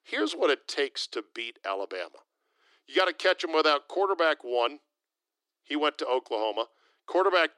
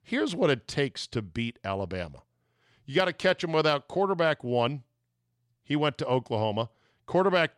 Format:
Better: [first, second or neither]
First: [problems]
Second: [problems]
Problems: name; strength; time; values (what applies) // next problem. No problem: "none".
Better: second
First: thin; somewhat; fading below 300 Hz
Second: none